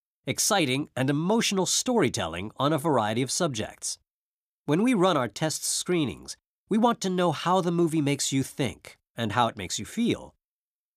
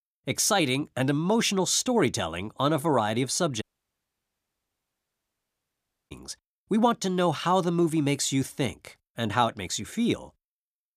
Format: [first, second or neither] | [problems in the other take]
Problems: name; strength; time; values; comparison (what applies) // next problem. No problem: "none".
first | audio cutting out; at 3.5 s for 2.5 s